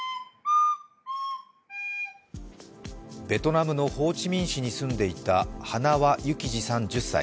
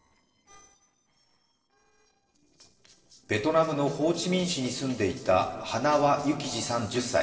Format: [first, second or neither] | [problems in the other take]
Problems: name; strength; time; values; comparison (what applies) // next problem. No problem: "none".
first | noise reduction (neural separator model SepFormer DNS4)